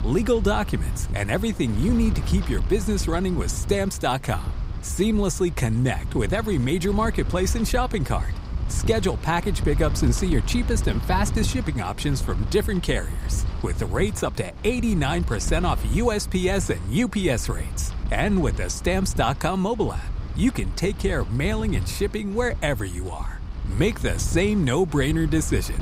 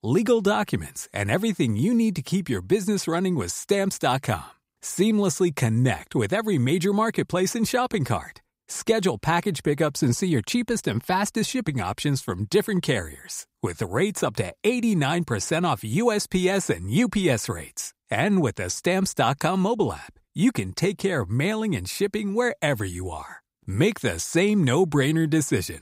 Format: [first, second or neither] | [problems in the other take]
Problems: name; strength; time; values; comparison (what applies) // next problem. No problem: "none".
second | wind noise on the microphone; occasional gusts; 15 dB below the speech